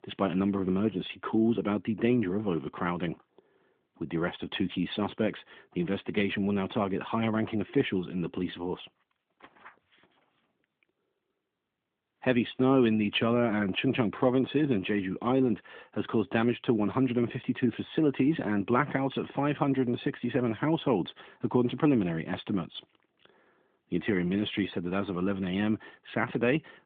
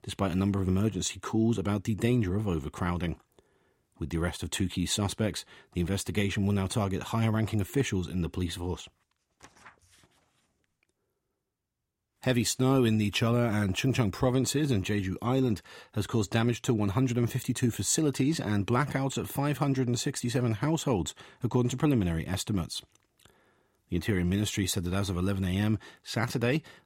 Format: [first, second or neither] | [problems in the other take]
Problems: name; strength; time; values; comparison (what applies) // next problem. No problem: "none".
second | phone-call audio